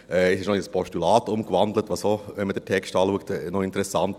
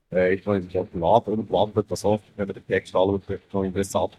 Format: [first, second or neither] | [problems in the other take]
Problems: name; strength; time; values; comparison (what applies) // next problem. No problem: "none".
first | noise reduction (neural mask model DeepFilterNet 3)